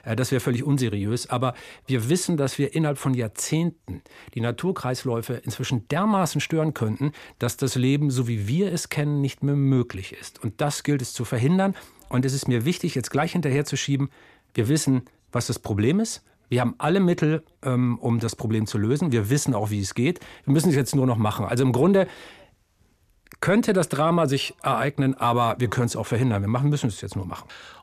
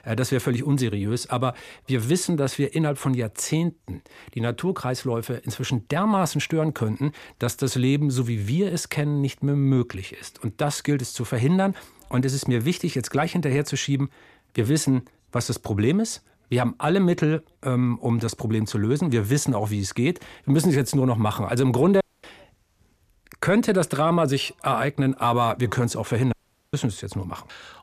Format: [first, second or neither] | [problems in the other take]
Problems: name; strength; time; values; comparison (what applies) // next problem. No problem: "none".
first | audio cutting out; at 22 s and at 26 s